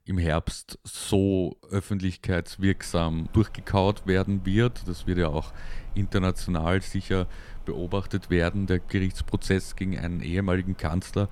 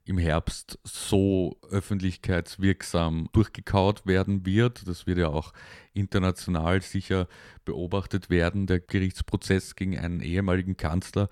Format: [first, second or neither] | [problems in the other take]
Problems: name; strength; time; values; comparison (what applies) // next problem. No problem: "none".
second | rain or running water; noticeable; from 2.5 s on; 20 dB below the speech